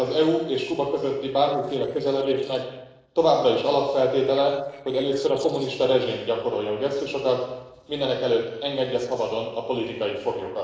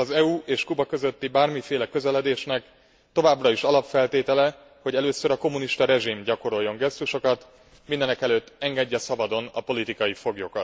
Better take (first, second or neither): second